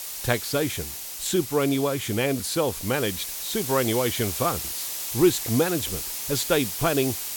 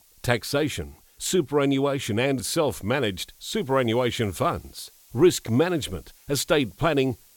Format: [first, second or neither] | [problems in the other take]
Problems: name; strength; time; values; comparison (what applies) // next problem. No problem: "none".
second | hiss; loud; throughout; 5 dB below the speech; faint in the second